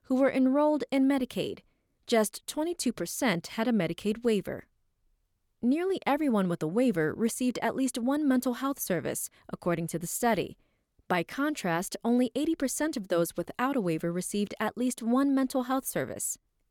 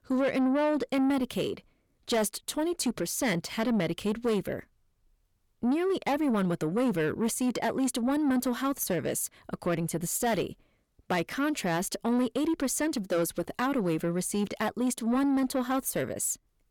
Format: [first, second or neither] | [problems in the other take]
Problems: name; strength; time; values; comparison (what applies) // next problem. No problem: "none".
first | distortion; slight; 10 dB below the speech